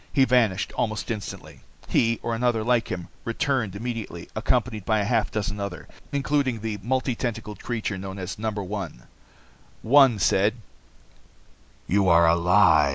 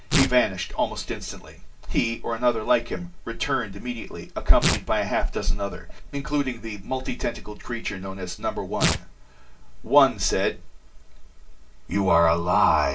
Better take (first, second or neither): first